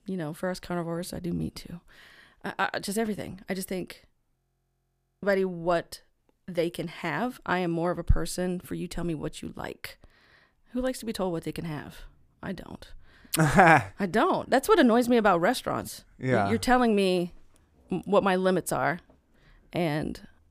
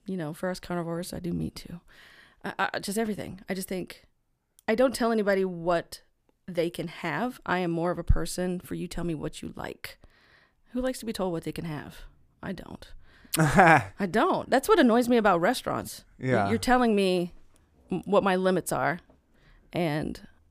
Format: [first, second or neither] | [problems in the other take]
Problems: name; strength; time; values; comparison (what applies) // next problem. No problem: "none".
second | audio freezing; at 4.5 s for 1 s